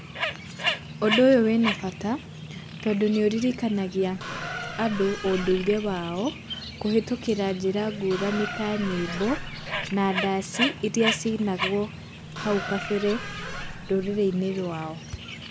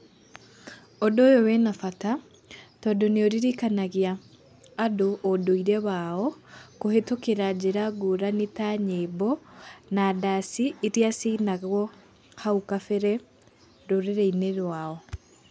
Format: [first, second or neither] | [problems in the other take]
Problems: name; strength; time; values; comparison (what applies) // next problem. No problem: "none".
second | background sound (Squeak + Bird); 7 dB below the speech